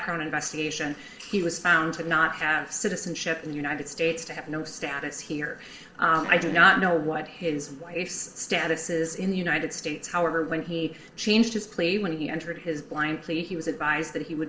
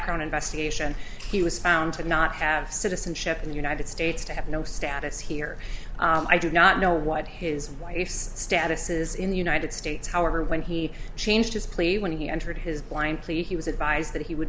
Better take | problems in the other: second | noise reduction (neural separator model SepFormer DNS4)

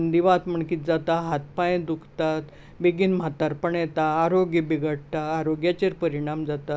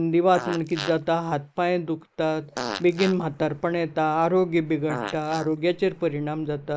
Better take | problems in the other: first | noise reduction (neural mask model Resemble Enhance denoiser)

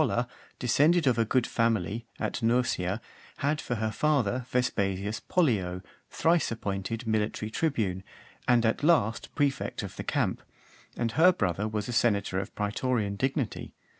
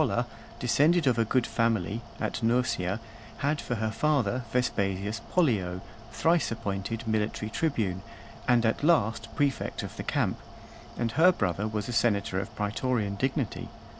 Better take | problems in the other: first | background sound (Mechanical fan); 17 dB below the speech

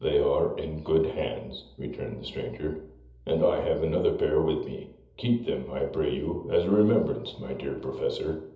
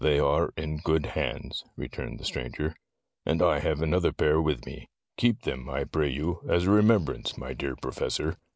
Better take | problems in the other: second | room echo; dies away in 0.7 s

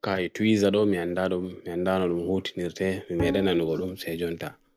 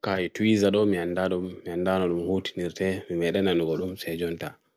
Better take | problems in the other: second | background sound (Bowed string instrument); 10 dB below the speech

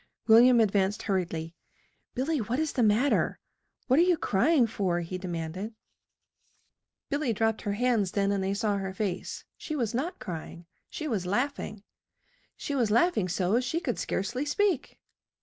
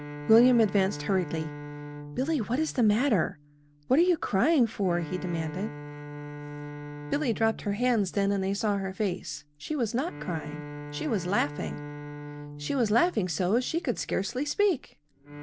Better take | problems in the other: first | background sound (Bowed string instrument); 13 dB below the speech

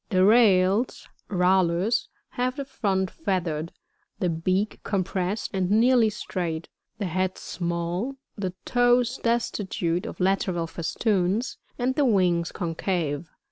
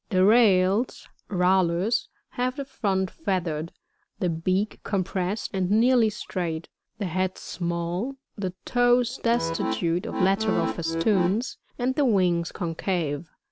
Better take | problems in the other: first | background sound (Accordion); 4 dB below the speech

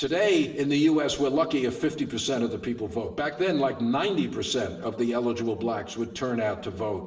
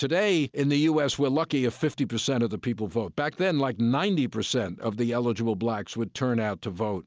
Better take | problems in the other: second | room echo; dies away in 0.8 s

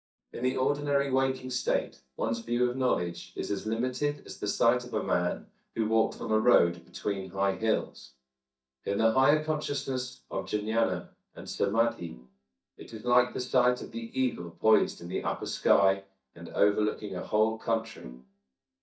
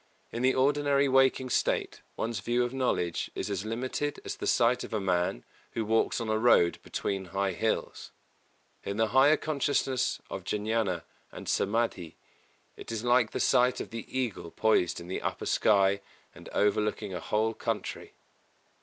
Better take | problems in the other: second | noise reduction (neural mask model DeepFilterNet 3)

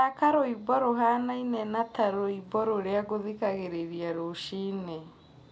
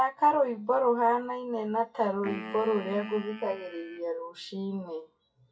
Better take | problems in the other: first | noise reduction (classical method WPE with log-MMSE)

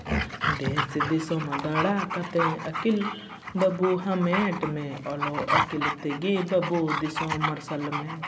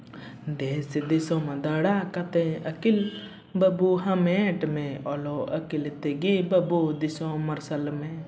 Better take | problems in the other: second | background sound (Dog); 3 dB below the speech

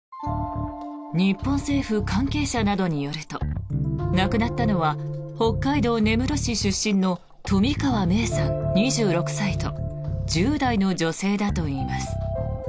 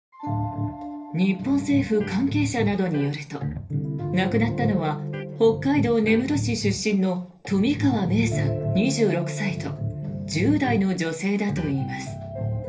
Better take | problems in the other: first | background sound (Electric guitar); 16 dB below the speech // room echo; dies away in 0.3 s

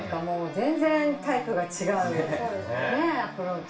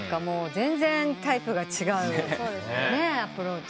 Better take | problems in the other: second | room echo; dies away in 0.3 s

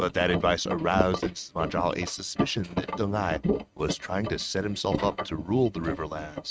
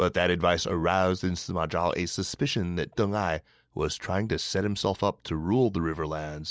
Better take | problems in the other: second | noise reduction (neural mask model RNNoise)

